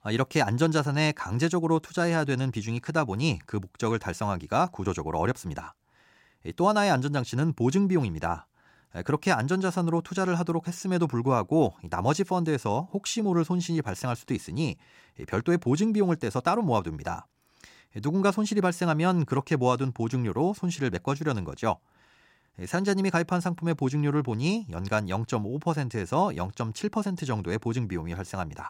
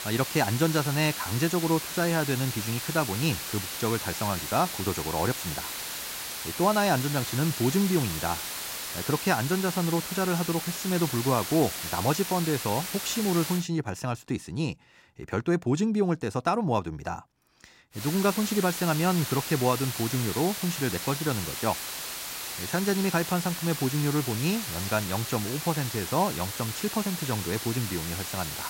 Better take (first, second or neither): first